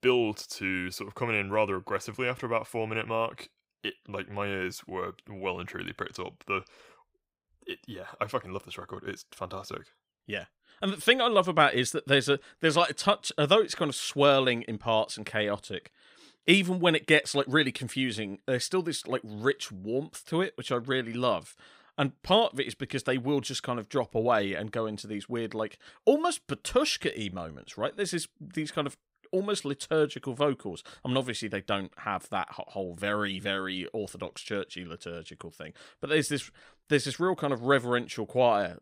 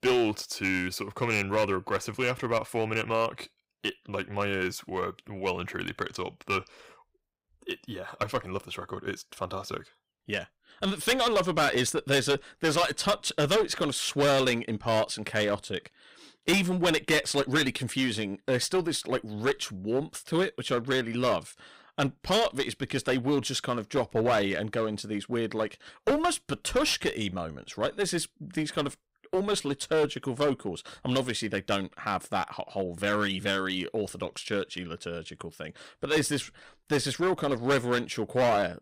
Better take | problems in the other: first | distortion; heavy; 7% of the sound clipped

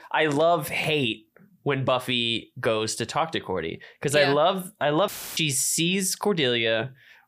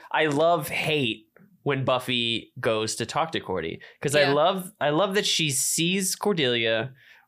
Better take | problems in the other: second | audio cutting out; filled with static; at 5 s

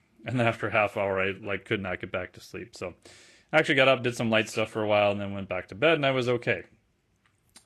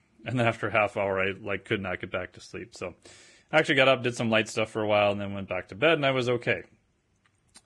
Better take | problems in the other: first | garbled, watery; badly; nothing above 10 kHz; slightly in the first

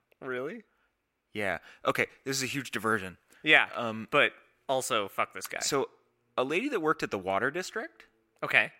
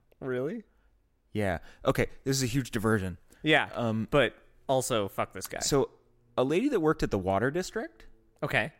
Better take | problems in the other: second | thin; somewhat; fading below 350 Hz

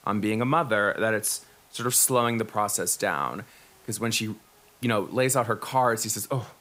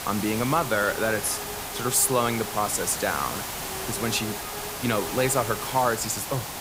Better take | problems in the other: first | hiss; loud; throughout; 6 dB below the speech; faint in the first

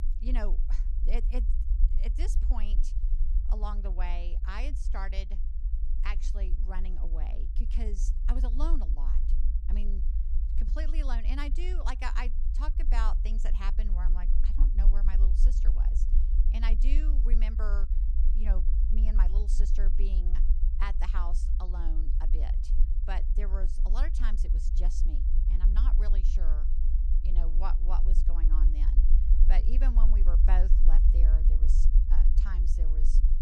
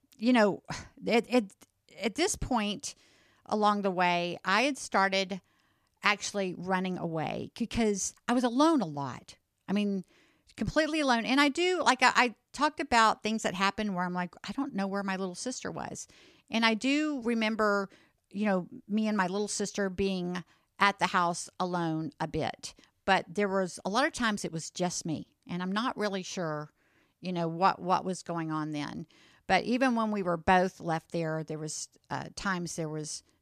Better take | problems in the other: second | low rumble; loud; throughout; 9 dB below the speech

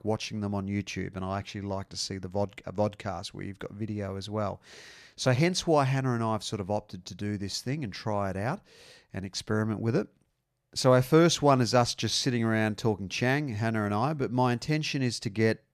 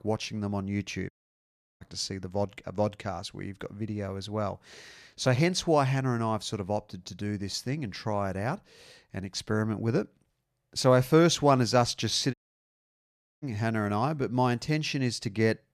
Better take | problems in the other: first | audio cutting out; at 1 s for 0.5 s and at 12 s for 1 s

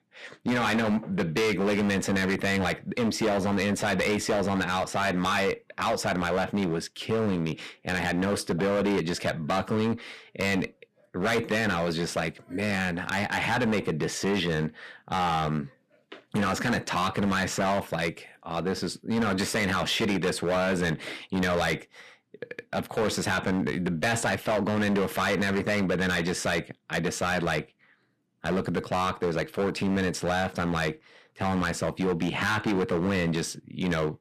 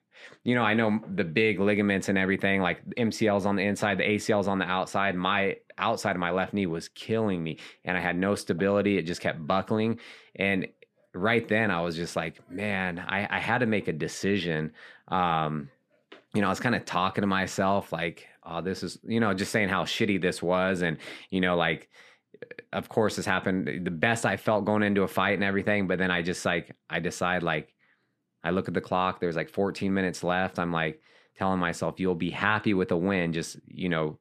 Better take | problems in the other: second | distortion; heavy; 13% of the sound clipped

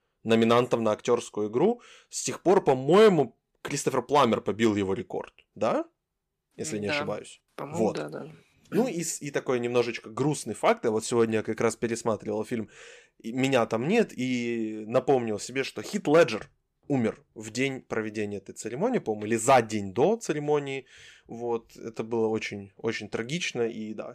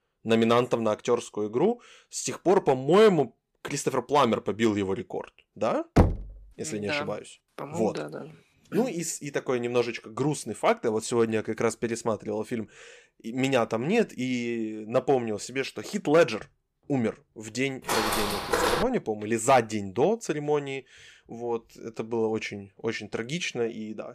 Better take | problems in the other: first | door banging; loud; at 6 s; peak 4 dB above the speech // footsteps; loud; from 18 to 19 s; peak 2 dB above the speech

